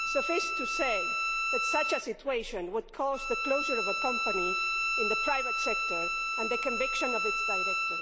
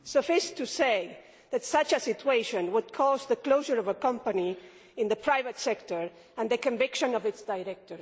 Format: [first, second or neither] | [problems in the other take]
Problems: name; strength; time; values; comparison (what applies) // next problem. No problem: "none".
second | background sound (Bowed string instrument); 3 dB above the speech